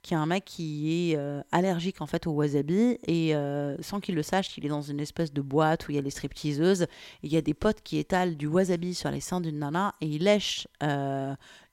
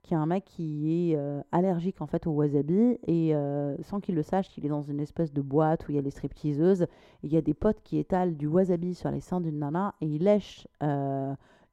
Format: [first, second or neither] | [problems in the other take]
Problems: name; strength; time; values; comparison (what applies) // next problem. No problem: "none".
first | muffled; very; fading above 1.5 kHz